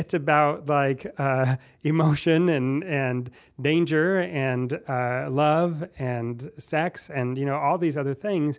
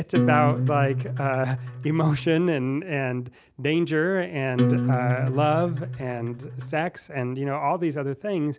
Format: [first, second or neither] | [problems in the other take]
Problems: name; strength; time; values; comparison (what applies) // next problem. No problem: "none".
first | background sound (Acoustic guitar); 1 dB below the speech